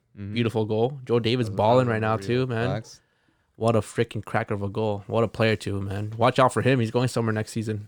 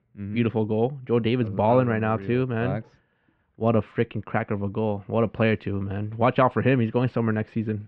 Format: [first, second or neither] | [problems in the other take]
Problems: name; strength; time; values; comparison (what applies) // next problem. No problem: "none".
first | muffled; very; fading above 2.5 kHz